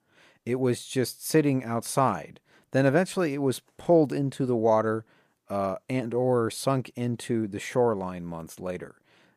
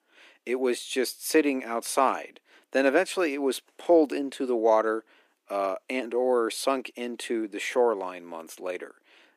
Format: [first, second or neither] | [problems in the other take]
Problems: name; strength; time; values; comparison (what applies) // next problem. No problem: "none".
first | thin; very slightly; fading below 250 Hz